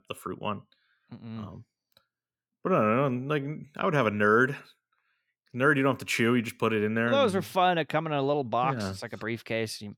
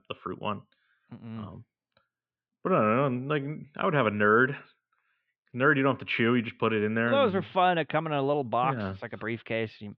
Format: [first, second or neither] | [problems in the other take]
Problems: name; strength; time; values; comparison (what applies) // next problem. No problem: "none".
first | muffled; very; fading above 3.5 kHz